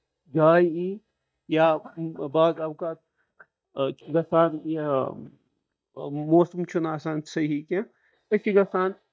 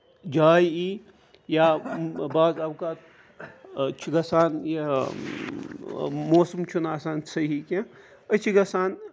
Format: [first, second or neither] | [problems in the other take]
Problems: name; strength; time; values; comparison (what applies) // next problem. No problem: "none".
second | noise reduction (neural mask model DeepFilterNet 3)